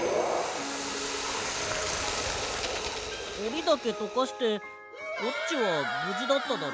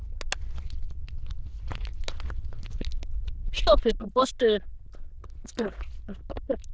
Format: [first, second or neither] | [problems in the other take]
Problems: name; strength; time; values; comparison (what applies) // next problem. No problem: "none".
first | noise reduction (neural diffusion model UNIVERSE++)